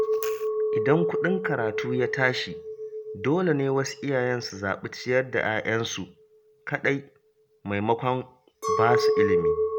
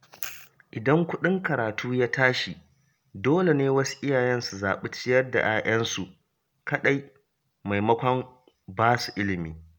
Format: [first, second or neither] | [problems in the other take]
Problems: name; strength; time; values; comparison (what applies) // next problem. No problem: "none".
second | background sound (Chink, clink); 1 dB below the speech